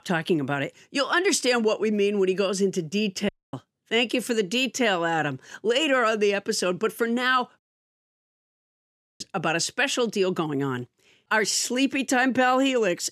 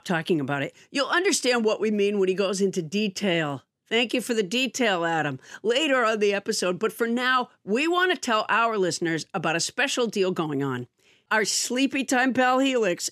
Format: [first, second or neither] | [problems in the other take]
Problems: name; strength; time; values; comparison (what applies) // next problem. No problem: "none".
second | audio cutting out; at 3.5 s and at 7.5 s for 1.5 s